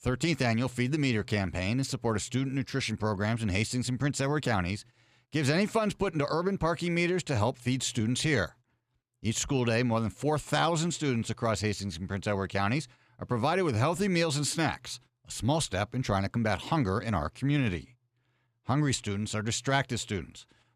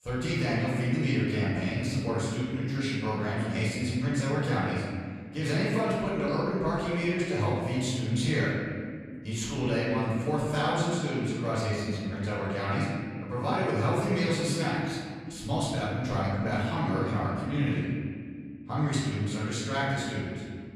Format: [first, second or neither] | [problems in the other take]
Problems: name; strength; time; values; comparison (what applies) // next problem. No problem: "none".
first | room echo; strong; dies away in 2 s // off-mic speech; far